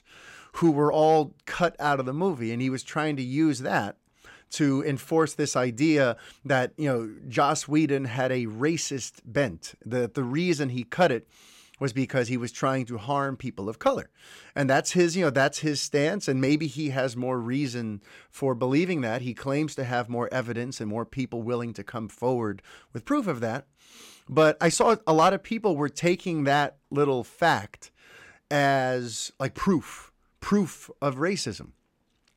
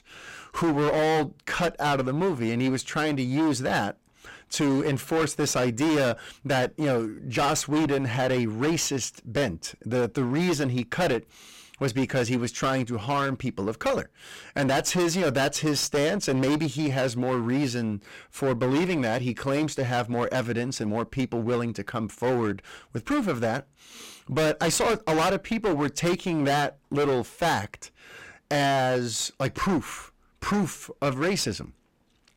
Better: first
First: none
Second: distortion; heavy; 20% of the sound clipped

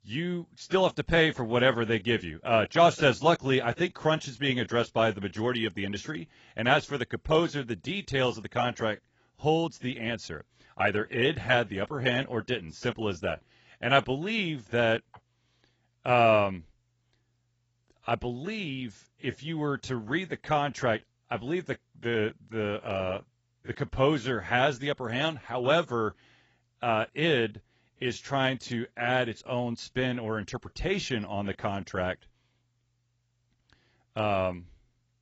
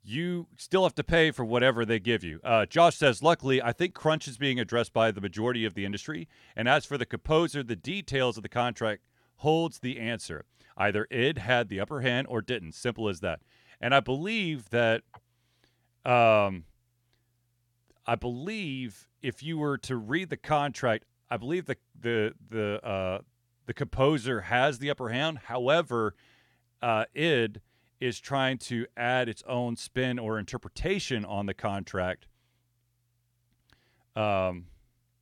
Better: second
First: garbled, watery; badly; nothing above 7.5 kHz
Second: none

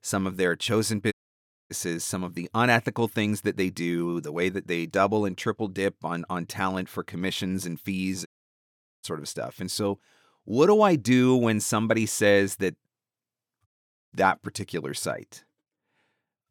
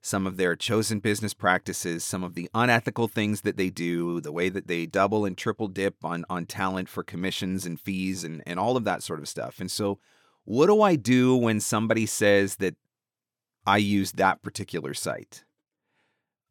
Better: second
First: audio cutting out; at 1 s for 0.5 s, at 8.5 s for 1 s and at 14 s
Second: none

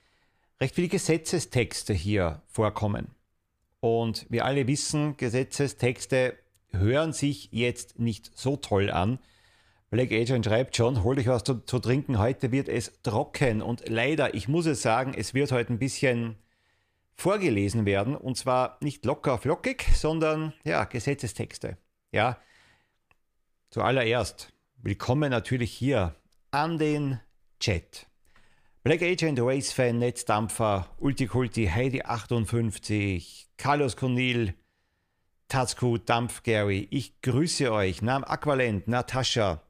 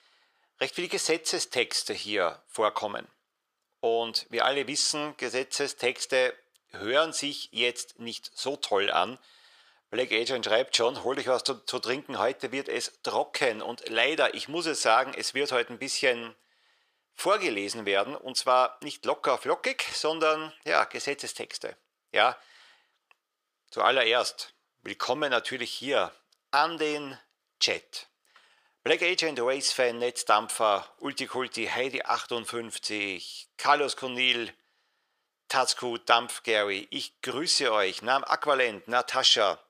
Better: first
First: none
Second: thin; very; fading below 550 Hz

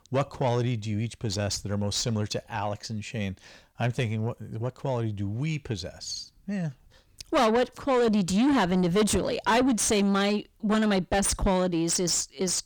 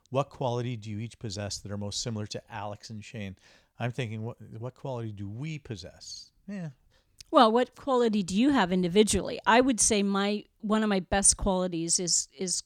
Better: second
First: distortion; heavy; 6 dB below the speech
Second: none

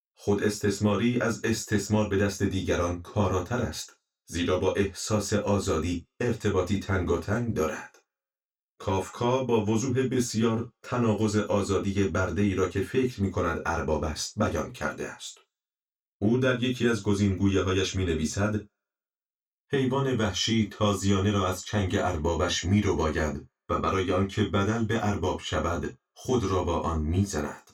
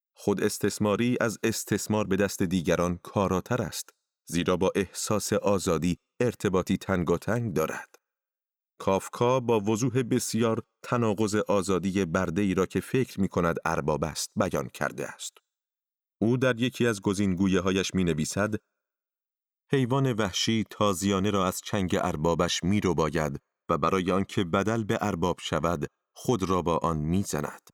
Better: second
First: room echo; very slight; dies away in 0.2 s // off-mic speech; far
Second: none

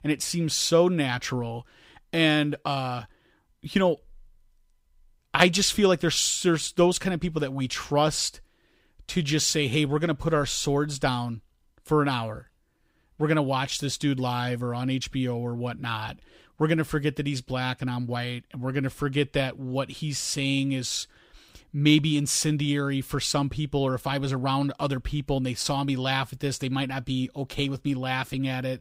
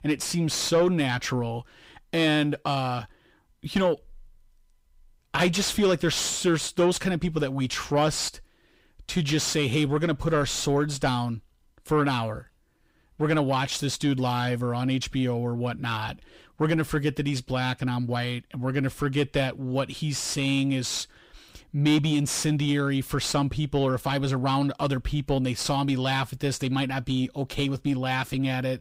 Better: first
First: none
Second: distortion; slight; 10 dB below the speech

